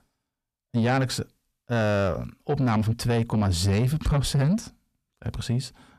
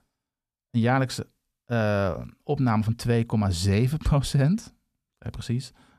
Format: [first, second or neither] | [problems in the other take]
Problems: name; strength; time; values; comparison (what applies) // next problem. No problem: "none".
second | distortion; slight; 10 dB below the speech